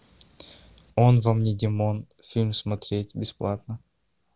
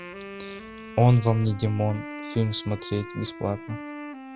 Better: first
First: none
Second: background sound (Wind instrument, woodwind instrument); 13 dB below the speech

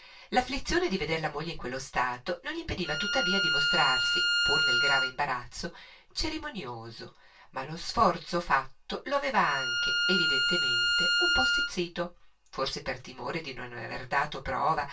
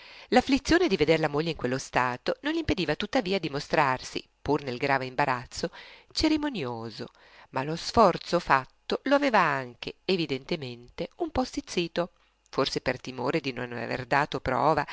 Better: second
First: background sound (Bowed string instrument); 4 dB above the speech // room echo; dies away in 0.2 s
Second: none

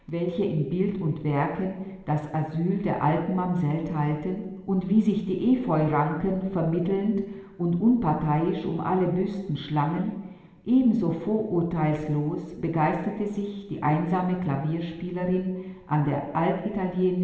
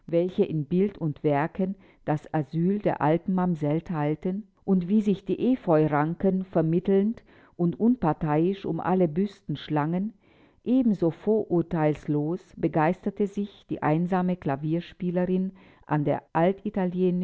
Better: second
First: room echo; dies away in 1.1 s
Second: none

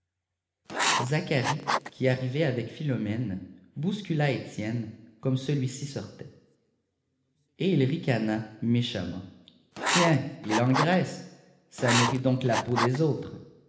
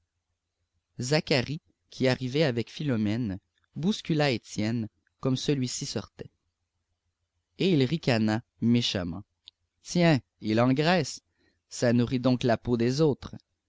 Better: second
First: background sound (Writing); 1 dB below the speech // room echo; dies away in 1.1 s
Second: none

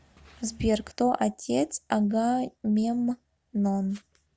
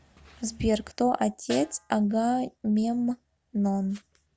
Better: first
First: none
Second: background sound (Snare drum); 18 dB below the speech

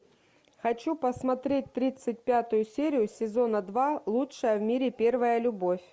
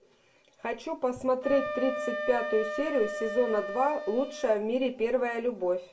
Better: first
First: none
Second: background sound (Wind instrument, woodwind instrument); 8 dB below the speech // room echo; dies away in 0.2 s

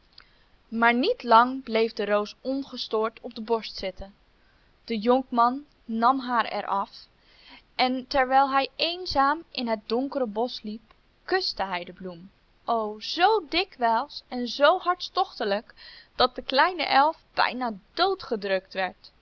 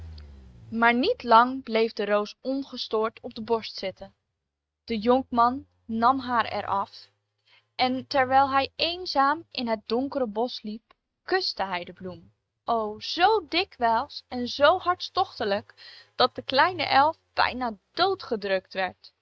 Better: first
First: none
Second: noise reduction (neural mask model RNNoise)

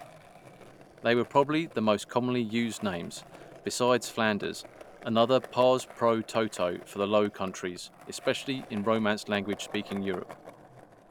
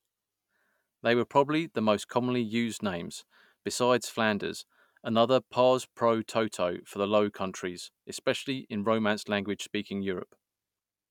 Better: second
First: background sound (Skateboard); 19 dB below the speech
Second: none

